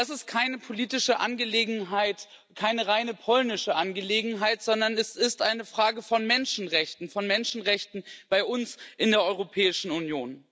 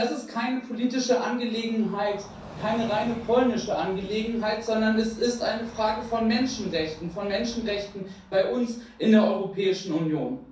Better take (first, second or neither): first